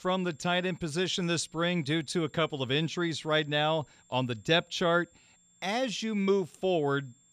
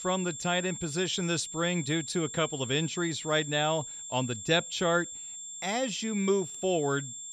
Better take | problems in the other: first | high-pitched whine; loud; throughout; 7.5 kHz, 9 dB below the speech; faint in the first

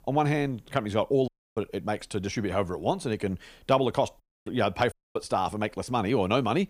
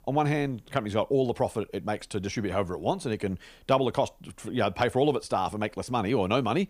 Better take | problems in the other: second | audio cutting out; at 1.5 s, at 4 s and at 5 s

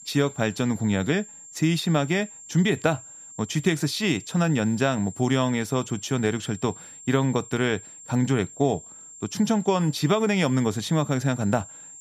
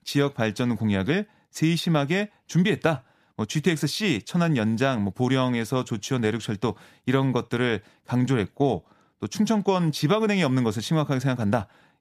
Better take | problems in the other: second | high-pitched whine; noticeable; throughout; 7.5 kHz, 15 dB below the speech

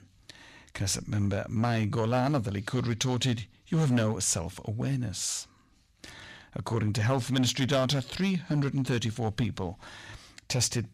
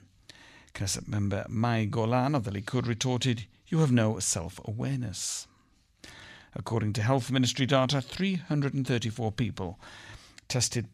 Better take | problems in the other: second | distortion; slight; 4% of the sound clipped

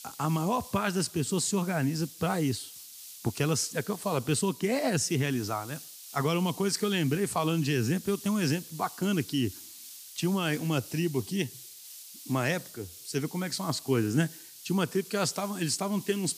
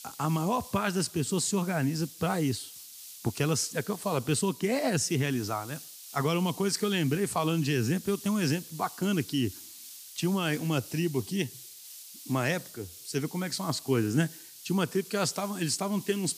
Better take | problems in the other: neither | hiss; noticeable; throughout; 15 dB below the speech; the same in both

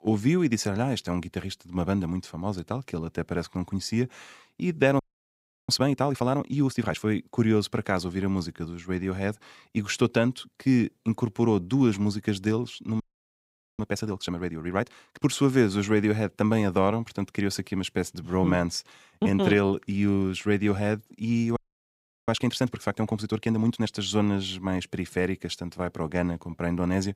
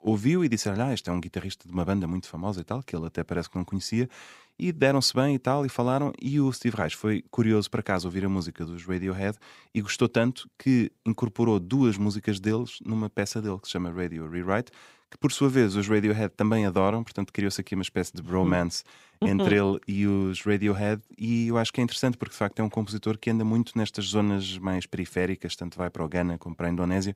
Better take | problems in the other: second | audio freezing; at 5 s for 0.5 s, at 13 s for 1 s and at 22 s for 0.5 s

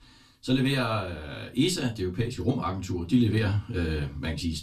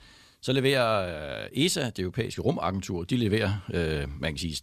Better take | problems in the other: second | off-mic speech; far // room echo; very slight; dies away in 0.2 s

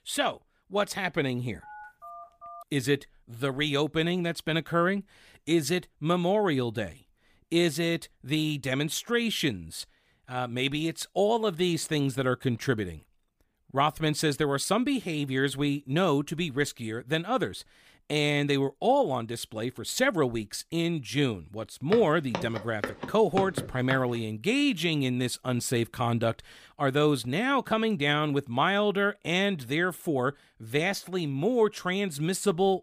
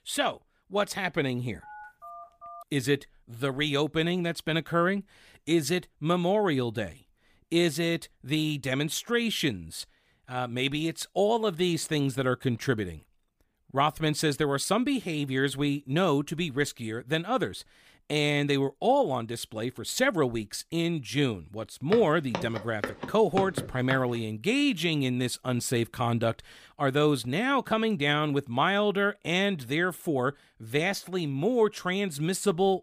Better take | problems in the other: neither | phone ringing; faint; from 1.5 to 2.5 s; peak 15 dB below the speech; the same in both // footsteps; noticeable; from 22 to 24 s; peak 6 dB below the speech; the same in both

